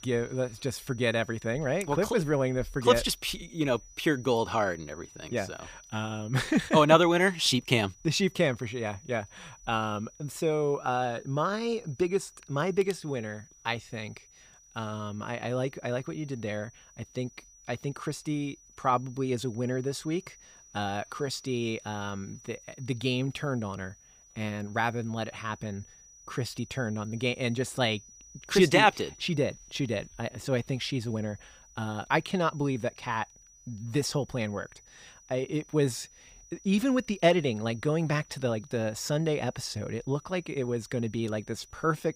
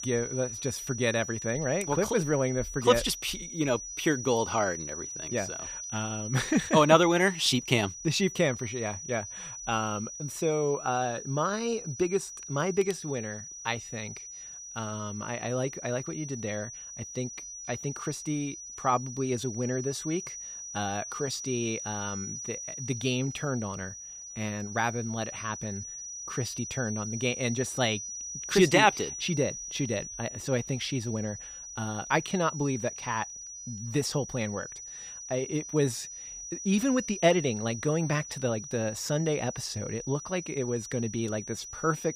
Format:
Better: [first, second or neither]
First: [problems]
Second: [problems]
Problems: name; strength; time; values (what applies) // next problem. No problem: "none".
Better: first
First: high-pitched whine; faint; throughout; 6 kHz, 25 dB below the speech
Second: high-pitched whine; loud; throughout; 6 kHz, 8 dB below the speech